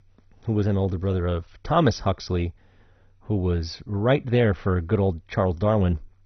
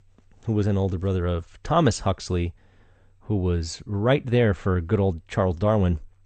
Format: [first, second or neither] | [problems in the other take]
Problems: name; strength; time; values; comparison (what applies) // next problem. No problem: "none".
second | garbled, watery; badly; nothing above 6 kHz; slightly in the second